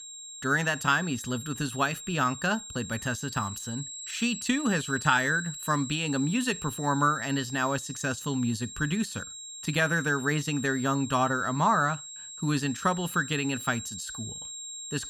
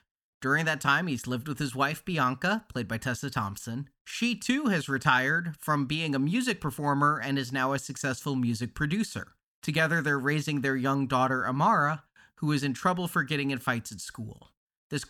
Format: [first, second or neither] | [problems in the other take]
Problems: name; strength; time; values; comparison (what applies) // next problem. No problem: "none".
second | high-pitched whine; loud; throughout; 7.5 kHz, 10 dB below the speech